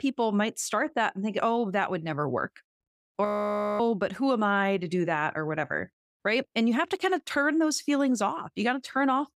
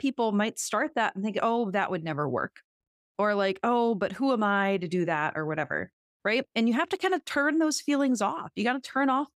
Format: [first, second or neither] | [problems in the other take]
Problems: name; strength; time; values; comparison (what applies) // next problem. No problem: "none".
second | audio freezing; at 3.5 s for 0.5 s